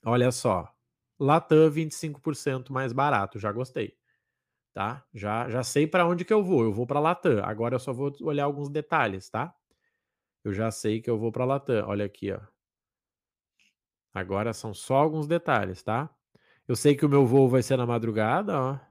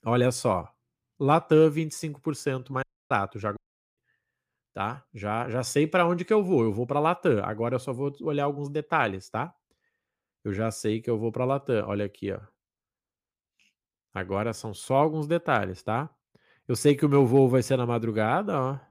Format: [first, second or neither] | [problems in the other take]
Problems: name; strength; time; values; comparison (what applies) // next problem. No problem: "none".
first | audio cutting out; at 3 s and at 3.5 s